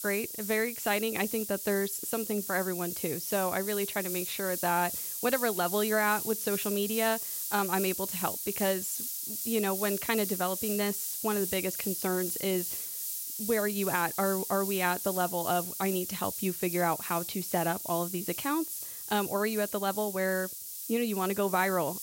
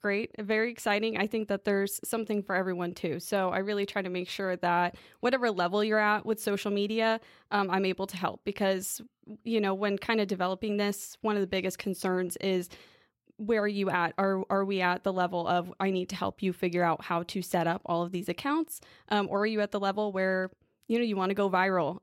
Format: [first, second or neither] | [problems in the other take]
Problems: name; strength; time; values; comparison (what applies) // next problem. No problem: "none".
second | hiss; loud; throughout; 3 dB below the speech